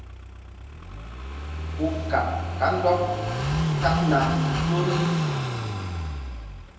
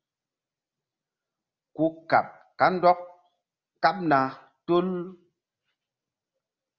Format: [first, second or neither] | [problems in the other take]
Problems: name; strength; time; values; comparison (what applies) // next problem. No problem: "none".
second | background sound (Car passing by / Idling); 2 dB above the speech // room echo; dies away in 0.9 s